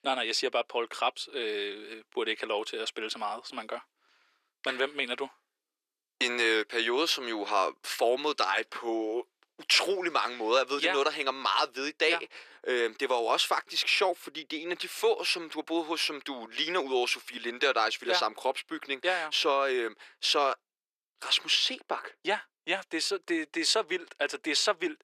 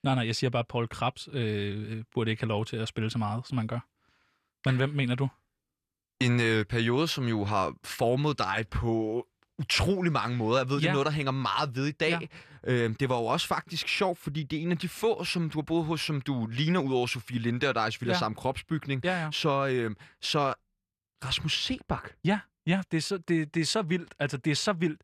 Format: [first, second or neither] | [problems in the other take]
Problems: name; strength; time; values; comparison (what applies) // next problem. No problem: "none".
second | thin; very; fading below 350 Hz